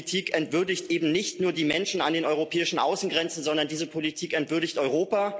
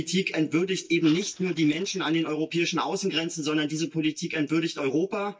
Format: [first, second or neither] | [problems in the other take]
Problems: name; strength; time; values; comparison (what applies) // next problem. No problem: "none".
first | noise reduction (neural mask model DeepFilterNet 3)